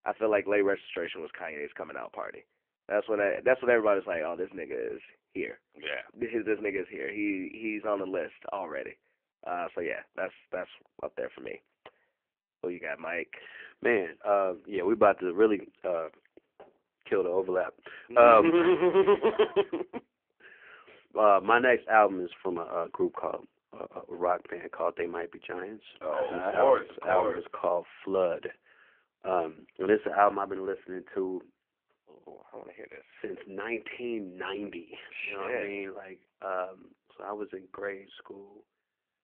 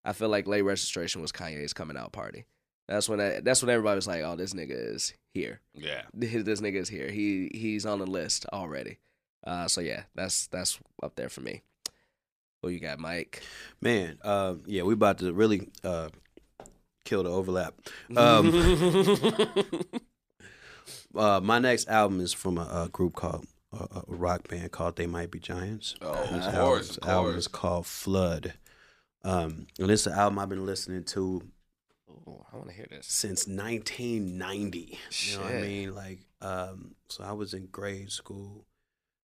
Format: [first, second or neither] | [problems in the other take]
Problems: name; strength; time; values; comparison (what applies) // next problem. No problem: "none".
second | phone-call audio; poor line